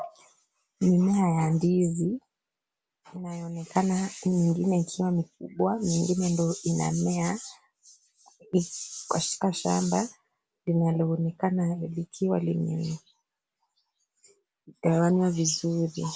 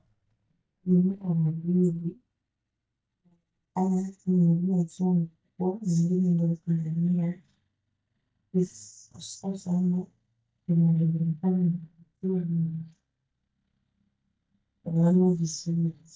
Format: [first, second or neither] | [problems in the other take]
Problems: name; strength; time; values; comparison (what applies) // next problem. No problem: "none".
first | noise reduction (neural mask model DeepFilterNet 3)